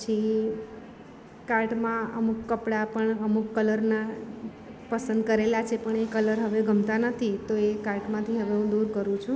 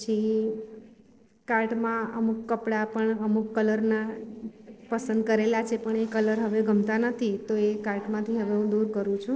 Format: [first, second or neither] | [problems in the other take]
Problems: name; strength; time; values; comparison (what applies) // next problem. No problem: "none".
first | noise reduction (neural separator model SepFormer DNS4)